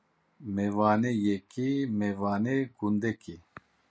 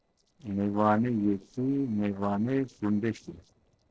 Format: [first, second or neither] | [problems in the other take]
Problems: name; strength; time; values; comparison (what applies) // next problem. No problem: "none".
first | noise reduction (neural separator model SepFormer DNS4)